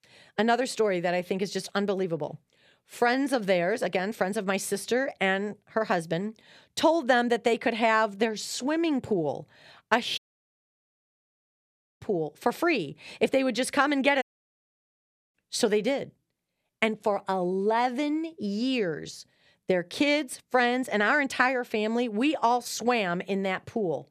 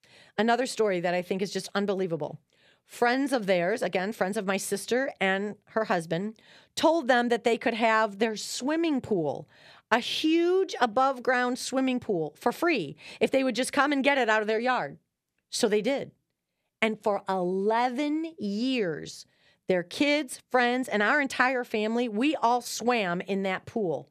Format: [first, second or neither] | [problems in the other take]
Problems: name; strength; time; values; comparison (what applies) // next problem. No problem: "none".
second | audio cutting out; at 10 s for 2 s and at 14 s for 1 s